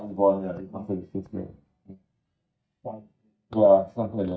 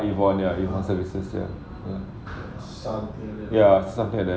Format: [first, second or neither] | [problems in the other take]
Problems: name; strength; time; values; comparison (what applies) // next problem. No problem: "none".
second | noise reduction (neural mask model DeepFilterNet 3)